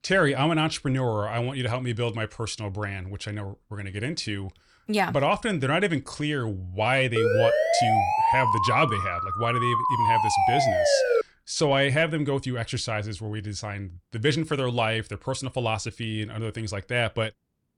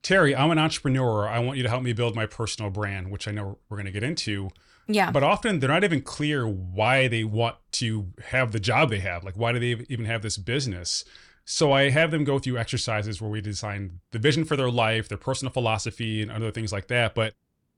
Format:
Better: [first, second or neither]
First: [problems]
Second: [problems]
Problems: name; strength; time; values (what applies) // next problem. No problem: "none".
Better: second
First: siren; loud; from 7 to 11 s; peak 5 dB above the speech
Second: none